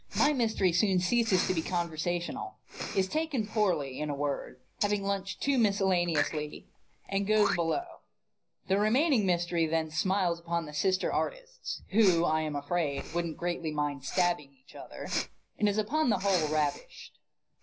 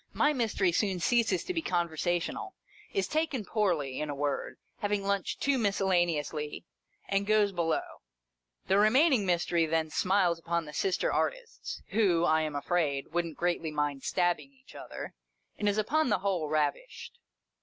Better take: second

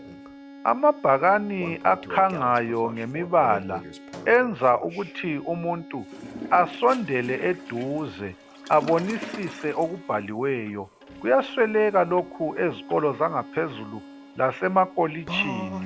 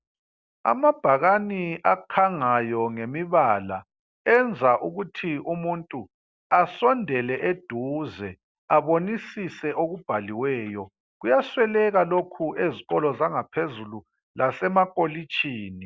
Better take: second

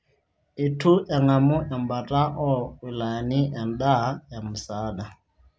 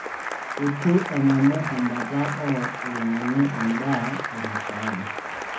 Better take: first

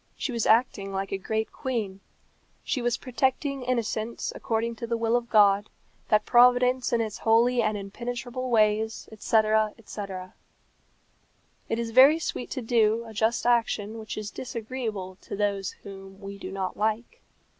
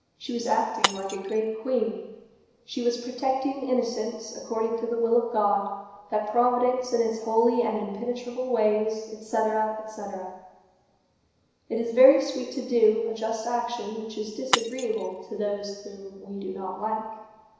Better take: first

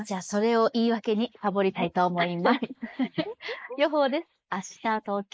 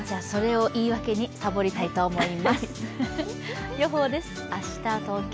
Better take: second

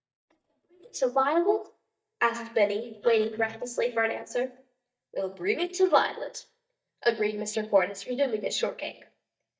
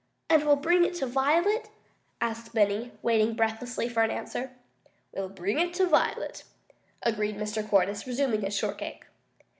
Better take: second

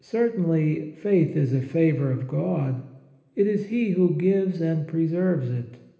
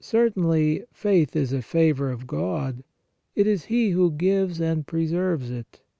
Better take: second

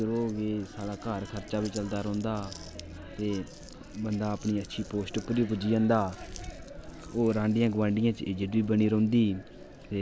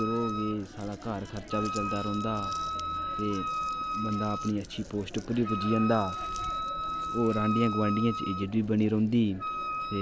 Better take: first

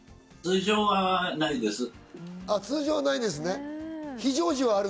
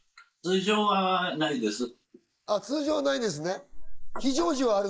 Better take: first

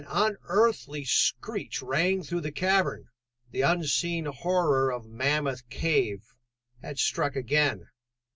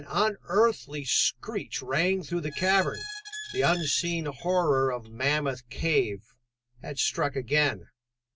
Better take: first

